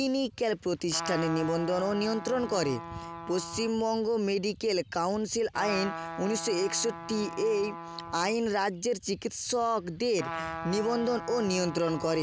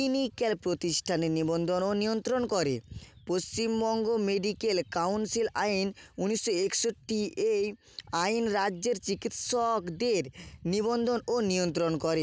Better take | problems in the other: second | background sound (Trumpet); 11 dB below the speech

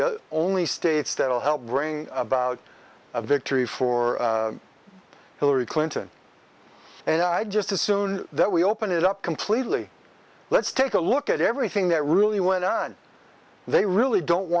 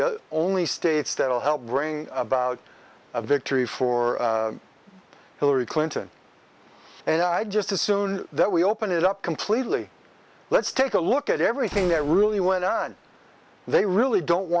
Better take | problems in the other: first | background sound (Slam / Wood); 17 dB below the speech

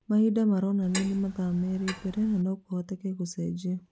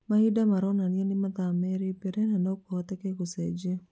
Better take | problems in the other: second | background sound (Clock); 13 dB below the speech

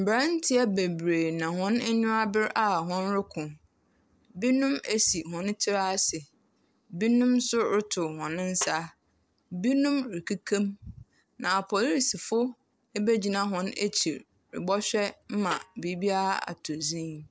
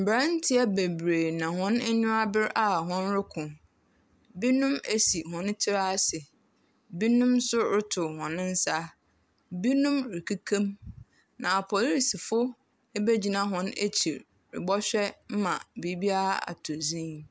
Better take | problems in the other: second | noise reduction (neural separator model SepFormer DNS4)

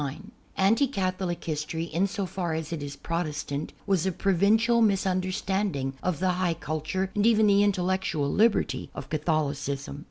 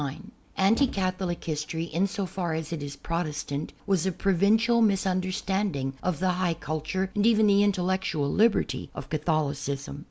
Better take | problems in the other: first | background sound (Thump, thud); 13 dB below the speech

